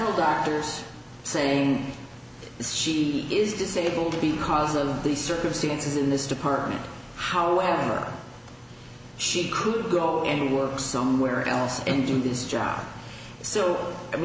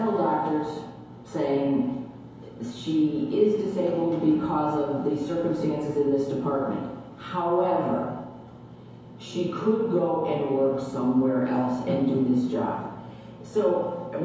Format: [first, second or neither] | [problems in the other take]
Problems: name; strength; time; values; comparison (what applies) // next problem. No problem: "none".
first | room echo; dies away in 0.8 s